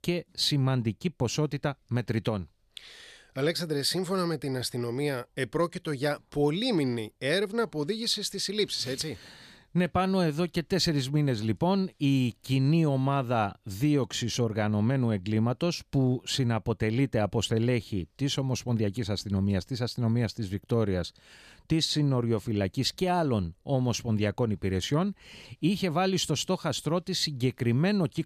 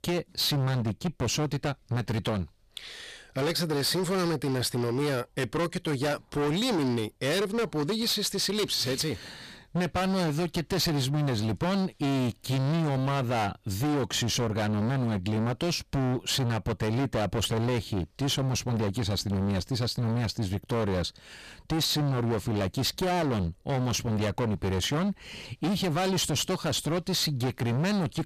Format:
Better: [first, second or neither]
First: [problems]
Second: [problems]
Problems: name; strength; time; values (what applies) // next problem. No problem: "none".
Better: first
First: none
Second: distortion; heavy; 30% of the sound clipped